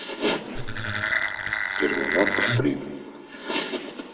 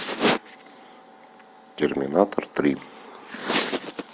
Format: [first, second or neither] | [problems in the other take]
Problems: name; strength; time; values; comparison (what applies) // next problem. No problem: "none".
second | background sound (Wood); 3 dB above the speech // room echo; dies away in 1.6 s